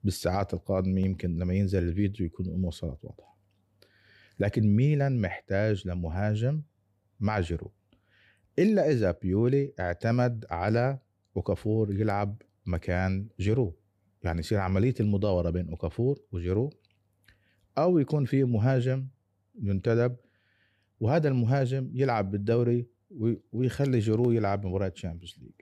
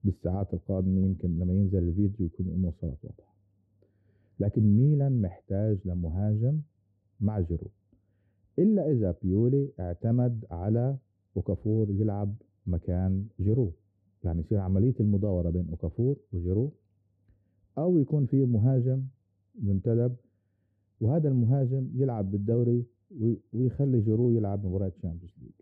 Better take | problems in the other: first | muffled; very; fading above 1 kHz

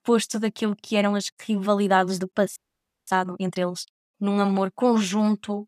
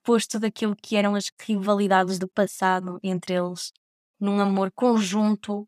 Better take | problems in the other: second | audio freezing; at 2.5 s for 0.5 s

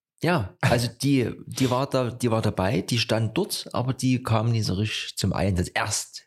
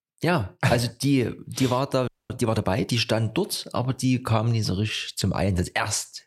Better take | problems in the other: first | audio freezing; at 2 s

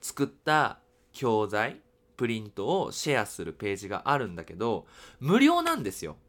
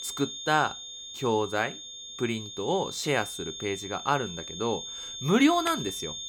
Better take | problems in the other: first | high-pitched whine; loud; throughout; 3.5 kHz, 8 dB below the speech

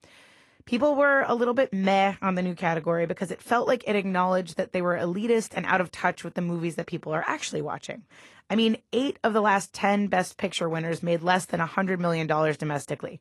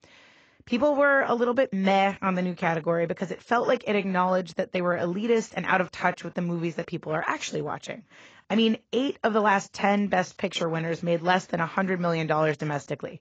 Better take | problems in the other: first | garbled, watery; badly; nothing above 7.5 kHz; slightly in the first

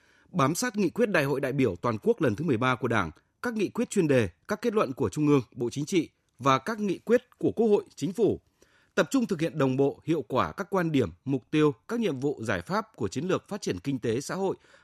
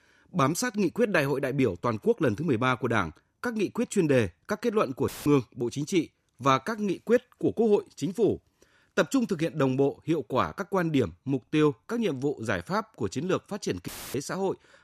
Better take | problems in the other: first | audio cutting out; filled with static; at 5 s and at 14 s

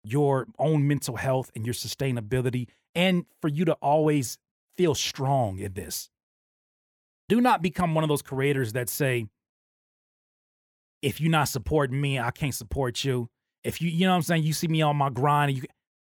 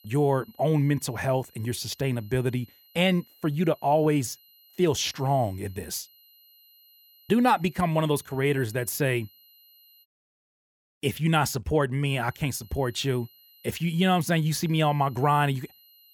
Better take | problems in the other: first | high-pitched whine; faint; until 10 s and from 12 s on; 12 kHz, 30 dB below the speech

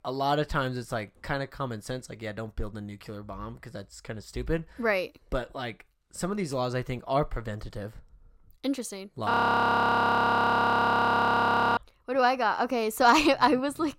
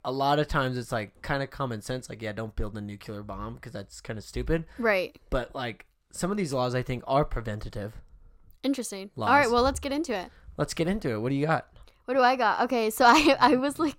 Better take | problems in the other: second | audio freezing; at 9.5 s for 2.5 s

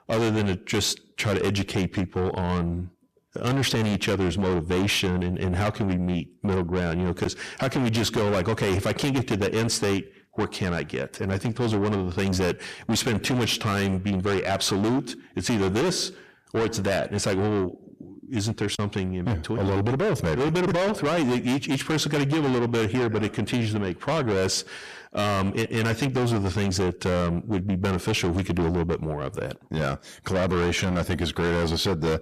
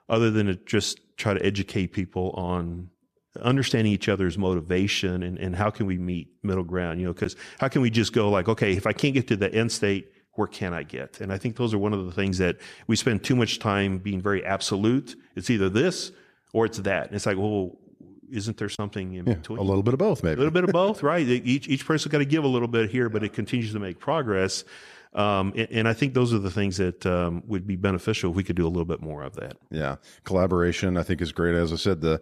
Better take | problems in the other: second | distortion; heavy; 6 dB below the speech

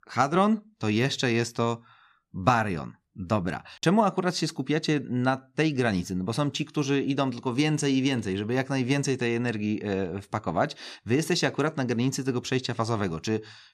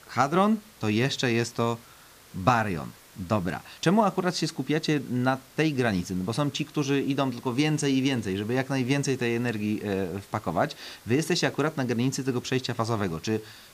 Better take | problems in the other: first | hiss; faint; throughout; 25 dB below the speech

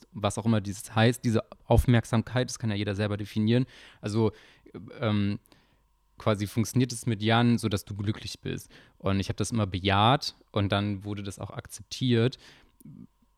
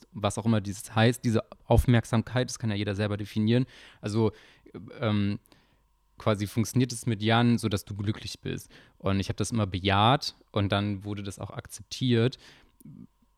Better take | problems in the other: neither | none

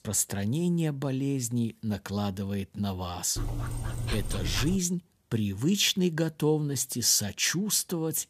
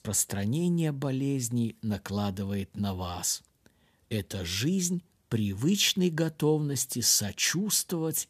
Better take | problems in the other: second | dog barking; noticeable; from 3.5 to 5 s; peak 5 dB below the speech

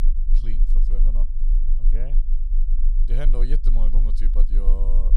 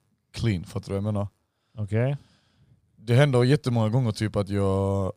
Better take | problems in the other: second | low rumble; loud; throughout; 9 dB below the speech

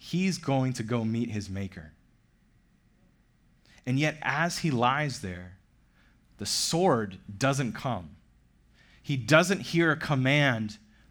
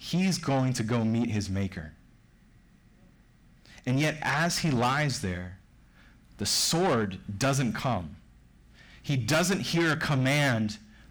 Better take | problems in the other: first | distortion; heavy; 7 dB below the speech

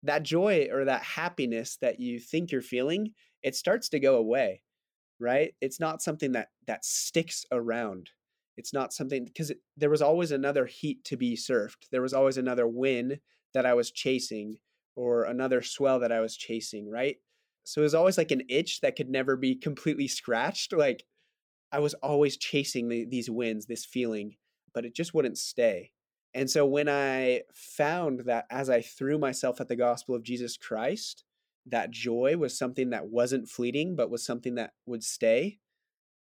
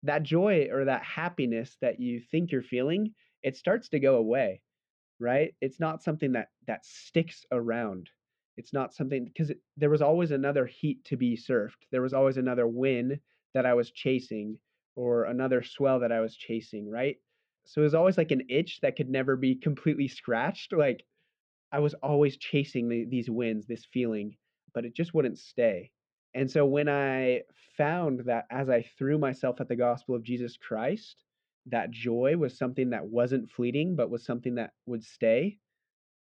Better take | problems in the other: first | muffled; very; fading above 3 kHz

